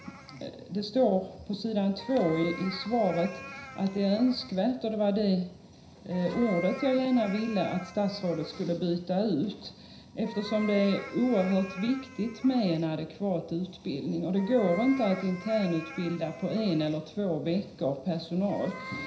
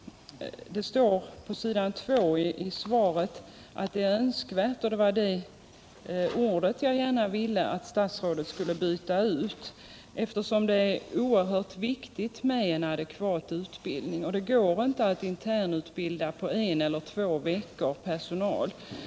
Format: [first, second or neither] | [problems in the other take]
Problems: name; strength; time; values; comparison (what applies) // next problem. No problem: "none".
second | background sound (Meow); 17 dB below the speech // room echo; dies away in 0.5 s